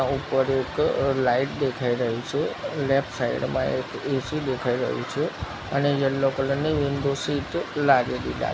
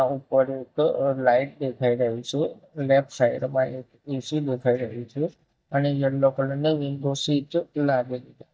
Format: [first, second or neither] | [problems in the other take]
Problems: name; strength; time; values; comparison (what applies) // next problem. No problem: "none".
first | noise reduction (neural mask model DeepFilterNet 3)